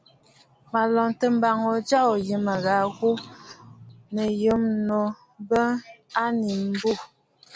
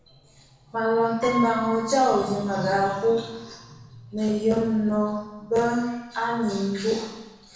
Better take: first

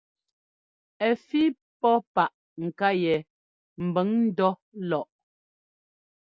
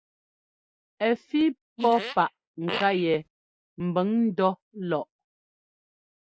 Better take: first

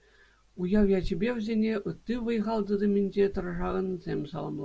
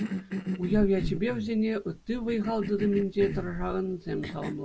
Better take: first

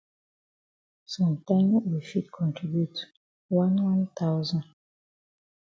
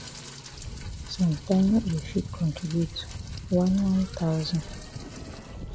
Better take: first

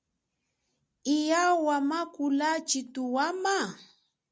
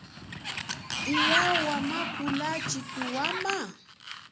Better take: first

